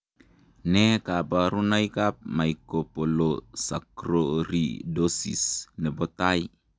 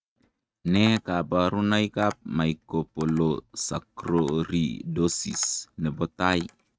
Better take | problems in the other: first | noise reduction (neural mask model RNNoise)

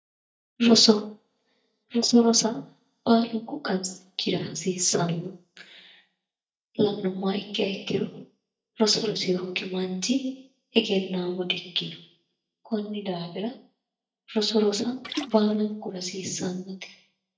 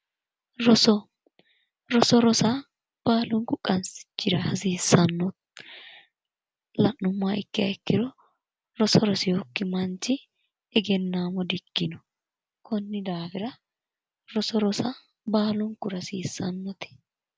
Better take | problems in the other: second | noise reduction (neural mask model DeepFilterNet 3)

